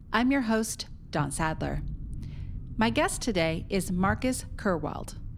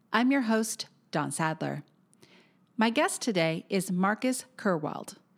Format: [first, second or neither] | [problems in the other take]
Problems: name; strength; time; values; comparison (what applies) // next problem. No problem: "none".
second | low rumble; faint; throughout; 25 dB below the speech